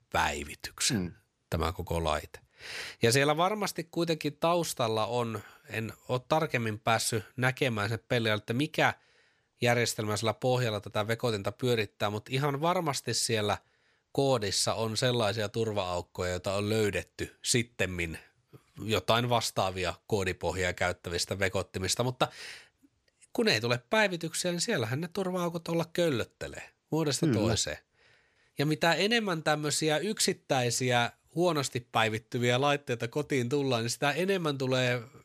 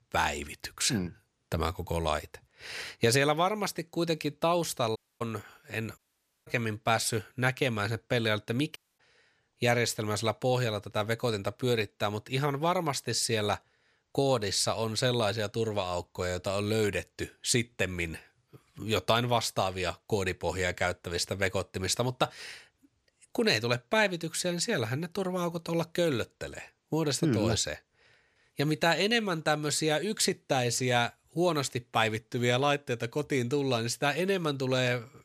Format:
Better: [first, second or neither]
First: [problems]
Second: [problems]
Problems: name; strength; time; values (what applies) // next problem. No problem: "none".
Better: first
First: none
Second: audio cutting out; at 5 s, at 6 s and at 9 s